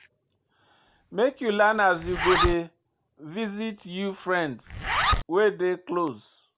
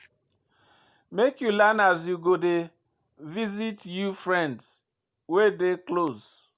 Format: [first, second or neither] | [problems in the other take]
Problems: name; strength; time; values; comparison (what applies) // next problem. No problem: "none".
second | background sound (Zipper (clothing)); 4 dB below the speech